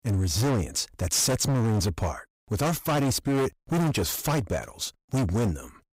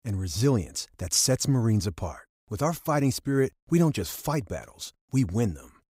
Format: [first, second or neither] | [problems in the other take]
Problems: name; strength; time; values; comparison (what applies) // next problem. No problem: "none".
second | distortion; heavy; 24% of the sound clipped